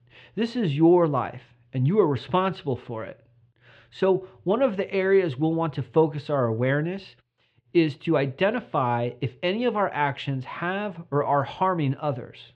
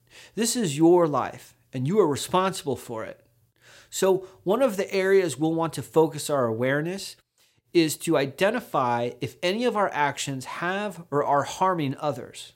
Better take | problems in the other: second | muffled; very; fading above 3 kHz

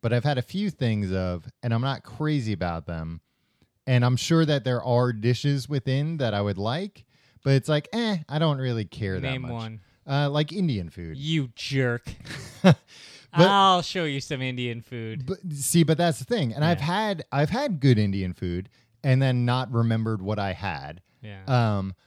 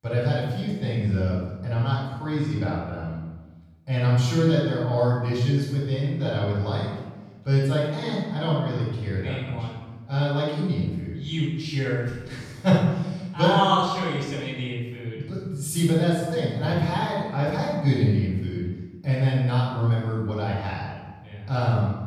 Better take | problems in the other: first | off-mic speech; far // room echo; strong; dies away in 1 s

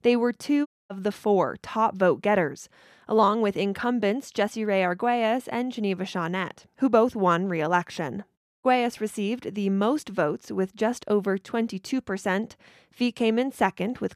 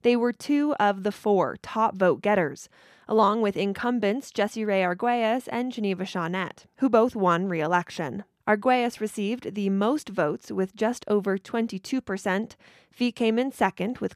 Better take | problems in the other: second | audio cutting out; at 0.5 s and at 8.5 s

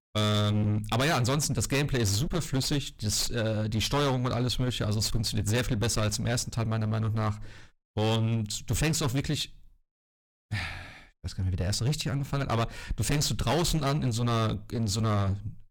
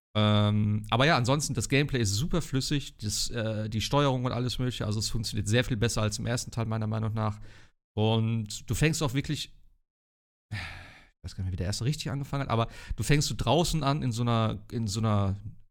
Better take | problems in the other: second | distortion; heavy; 18% of the sound clipped

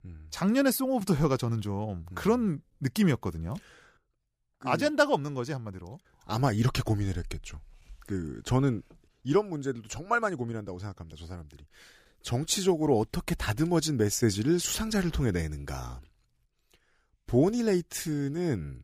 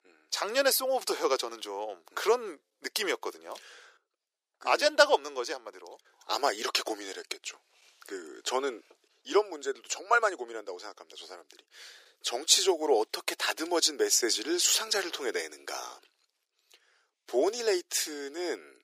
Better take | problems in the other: first | thin; very; fading below 400 Hz

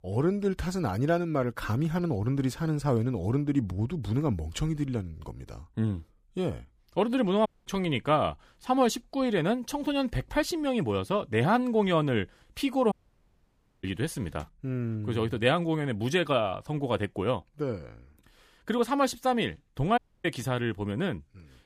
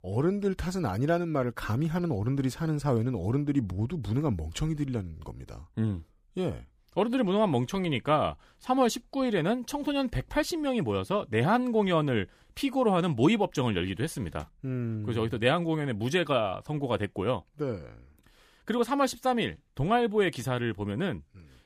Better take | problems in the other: second | audio cutting out; at 7.5 s, at 13 s for 1 s and at 20 s

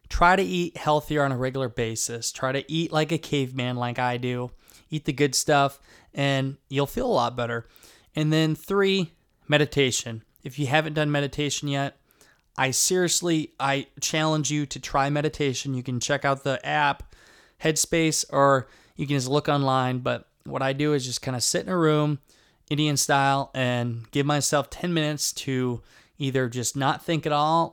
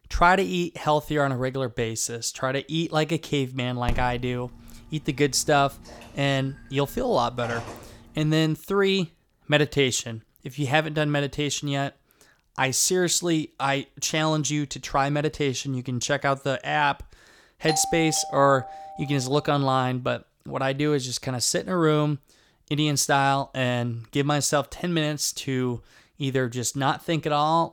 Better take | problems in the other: first | phone ringing; noticeable; from 4 to 7.5 s; peak 9 dB below the speech // doorbell; noticeable; from 18 to 19 s; peak 5 dB below the speech

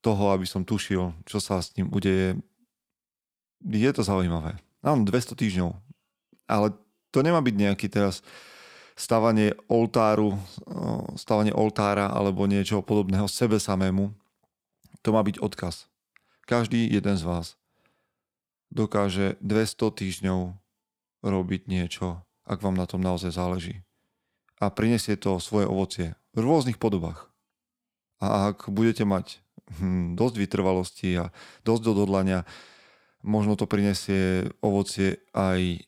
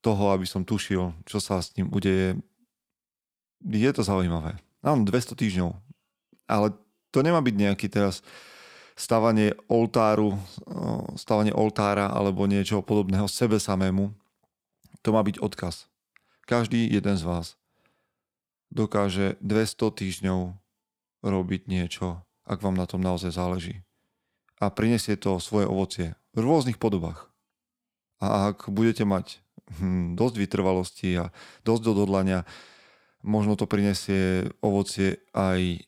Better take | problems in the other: neither | none

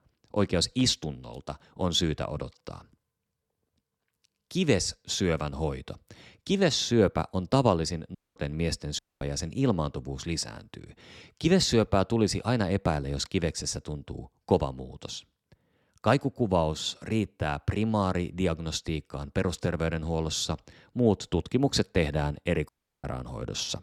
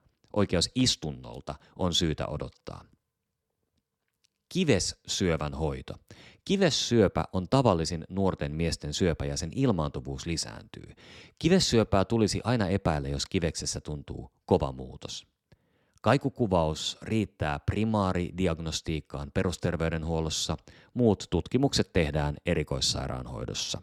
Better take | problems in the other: second | audio cutting out; at 8 s, at 9 s and at 23 s

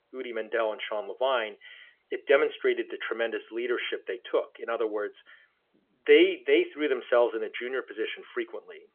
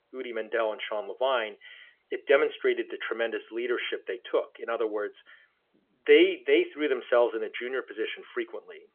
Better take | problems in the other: neither | phone-call audio; nothing above 3.5 kHz; the same in both

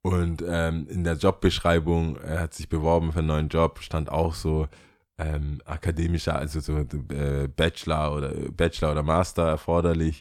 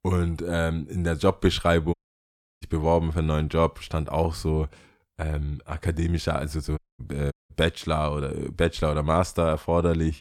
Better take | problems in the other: first | audio cutting out; at 2 s for 0.5 s, at 7 s and at 7.5 s

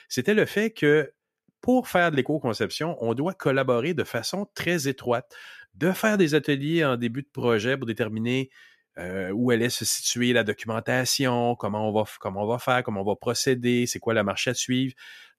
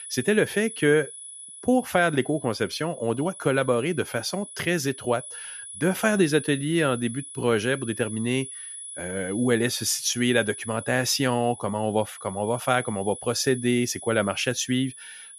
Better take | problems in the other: first | high-pitched whine; noticeable; throughout; 10 kHz, 10 dB below the speech

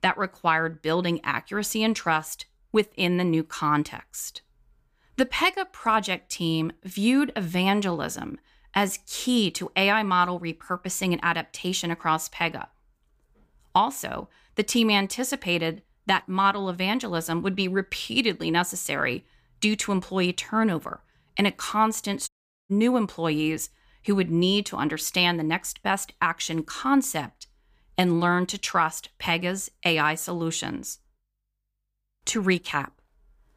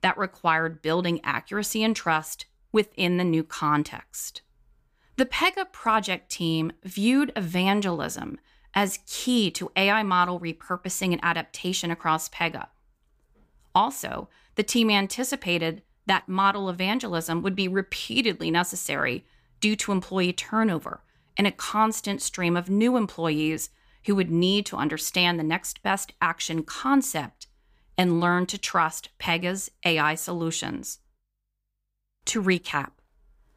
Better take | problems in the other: second | audio cutting out; at 22 s

